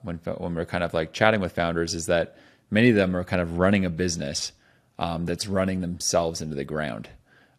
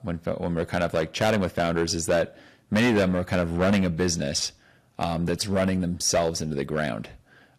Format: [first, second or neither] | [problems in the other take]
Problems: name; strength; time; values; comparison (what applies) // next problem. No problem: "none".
first | distortion; heavy; 6% of the sound clipped